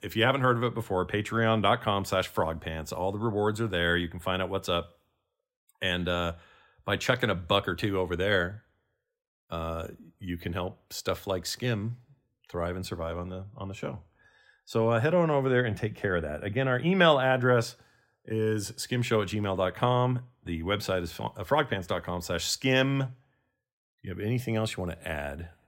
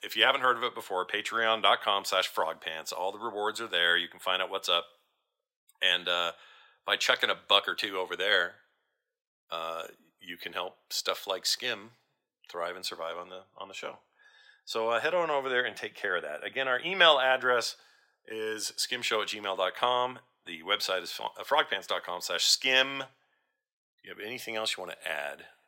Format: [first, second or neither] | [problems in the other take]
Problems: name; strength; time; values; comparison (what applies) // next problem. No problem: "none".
first | thin; very; fading below 600 Hz